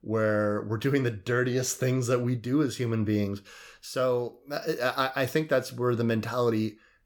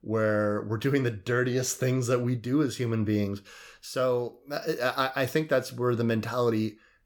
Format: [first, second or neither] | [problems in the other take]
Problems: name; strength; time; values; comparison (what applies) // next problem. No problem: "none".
neither | none